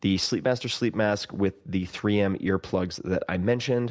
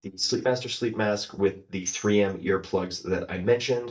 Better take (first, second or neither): first